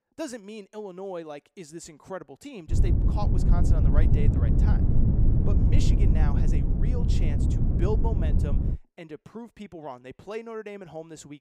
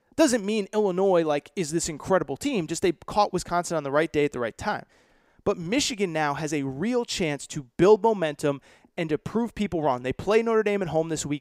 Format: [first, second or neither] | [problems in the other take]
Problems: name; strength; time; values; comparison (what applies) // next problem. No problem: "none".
second | wind noise on the microphone; heavy; from 2.5 to 8.5 s; 2 dB above the speech